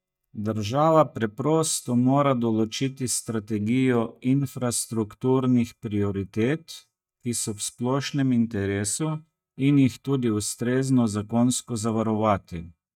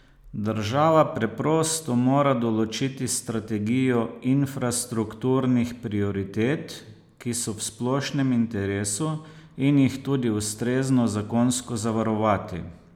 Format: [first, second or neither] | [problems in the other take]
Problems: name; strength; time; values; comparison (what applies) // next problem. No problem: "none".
second | noise reduction (neural mask model DeepFilterNet 3)